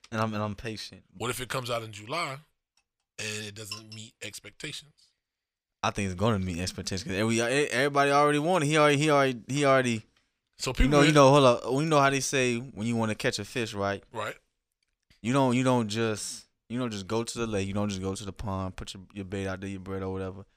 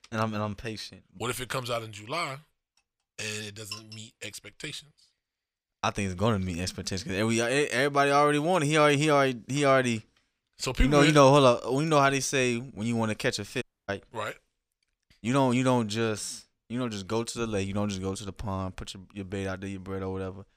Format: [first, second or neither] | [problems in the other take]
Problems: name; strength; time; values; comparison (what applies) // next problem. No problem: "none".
first | audio cutting out; at 14 s